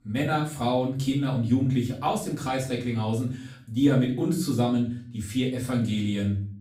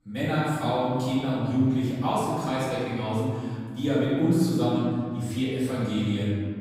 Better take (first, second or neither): first